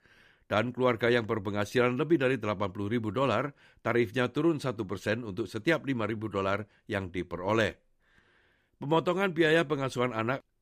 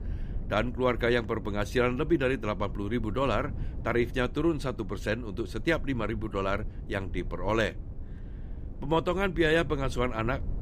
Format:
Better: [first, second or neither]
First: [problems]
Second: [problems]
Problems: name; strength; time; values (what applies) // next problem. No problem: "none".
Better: first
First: none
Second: low rumble; faint; throughout; 25 dB below the speech